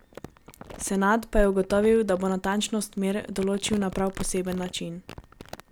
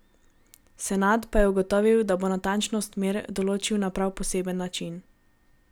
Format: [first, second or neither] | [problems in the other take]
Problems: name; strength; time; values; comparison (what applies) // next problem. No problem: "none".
second | background sound (Crumpling, crinkling); 18 dB below the speech